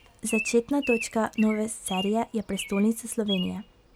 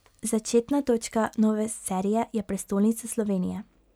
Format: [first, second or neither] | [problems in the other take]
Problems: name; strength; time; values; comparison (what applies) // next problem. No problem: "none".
second | background sound (Bird vocalization, bird call, bird song); 11 dB below the speech